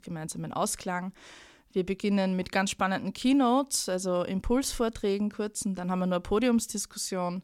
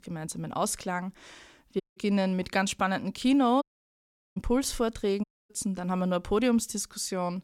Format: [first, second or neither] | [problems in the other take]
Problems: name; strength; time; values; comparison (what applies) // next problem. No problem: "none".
first | audio cutting out; at 2 s, at 3.5 s for 0.5 s and at 5 s